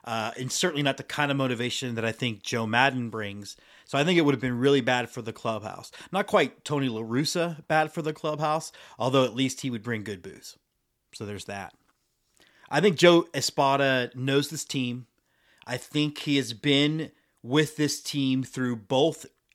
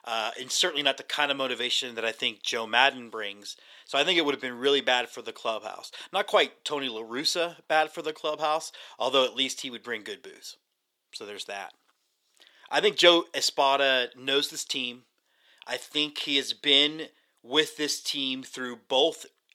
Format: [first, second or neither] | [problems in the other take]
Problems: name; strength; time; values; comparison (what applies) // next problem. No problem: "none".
first | thin; somewhat; fading below 500 Hz